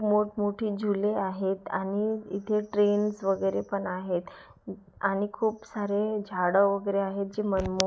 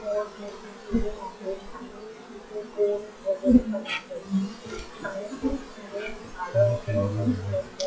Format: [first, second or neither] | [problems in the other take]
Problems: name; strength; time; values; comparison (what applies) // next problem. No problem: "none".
first | noise reduction (classical method WPE with log-MMSE)